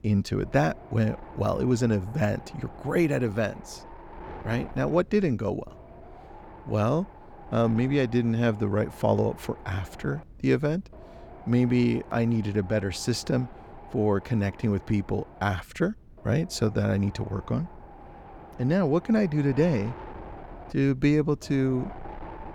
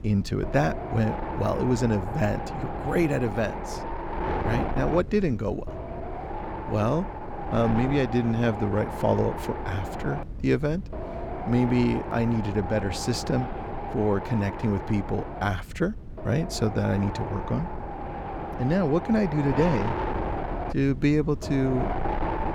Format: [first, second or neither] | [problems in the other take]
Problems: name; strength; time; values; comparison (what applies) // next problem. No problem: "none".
first | wind noise on the microphone; heavy; 4 dB below the speech; occasional gusts in the first